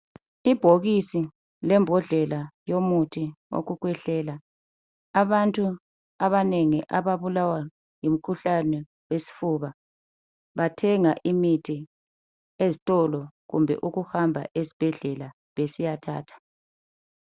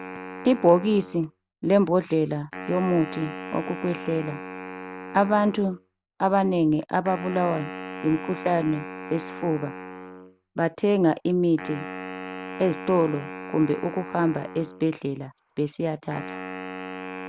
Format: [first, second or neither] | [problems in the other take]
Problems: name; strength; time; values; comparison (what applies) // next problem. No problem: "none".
first | background sound (Wind instrument, woodwind instrument); 12 dB below the speech